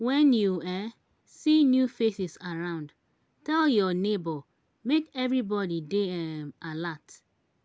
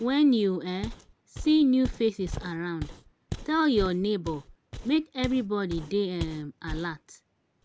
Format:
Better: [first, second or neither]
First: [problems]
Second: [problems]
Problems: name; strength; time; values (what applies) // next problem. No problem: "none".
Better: first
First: none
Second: background sound (Walk, footsteps); 12 dB below the speech